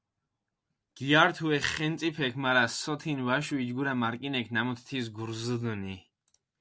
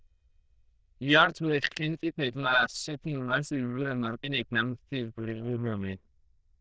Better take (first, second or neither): first